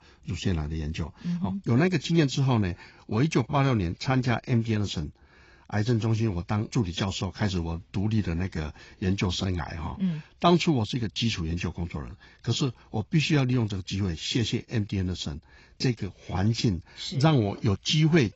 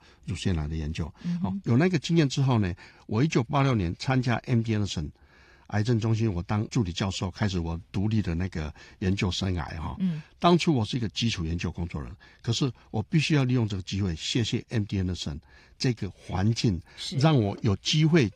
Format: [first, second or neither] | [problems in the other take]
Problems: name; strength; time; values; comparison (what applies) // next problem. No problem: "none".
second | garbled, watery; badly; nothing above 7.5 kHz; slightly in the second